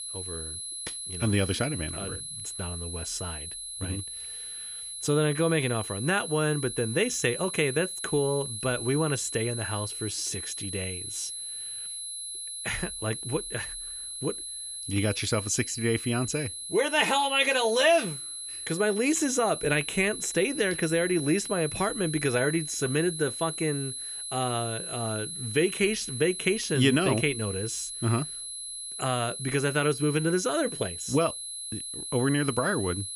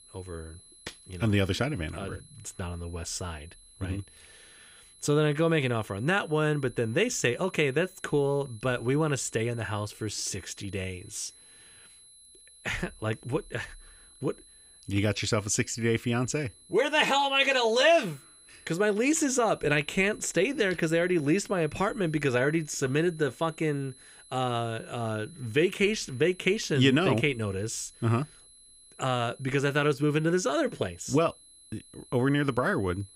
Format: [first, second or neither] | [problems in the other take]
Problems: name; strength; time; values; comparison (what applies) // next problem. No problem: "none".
second | high-pitched whine; loud; throughout; 10.5 kHz, 6 dB below the speech; faint in the second